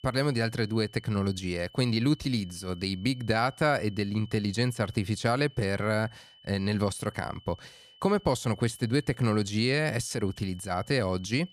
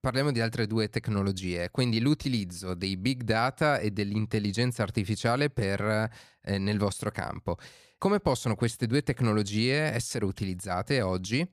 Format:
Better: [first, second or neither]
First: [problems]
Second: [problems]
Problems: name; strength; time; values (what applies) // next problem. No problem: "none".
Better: second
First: high-pitched whine; faint; throughout; 3 kHz, 25 dB below the speech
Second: none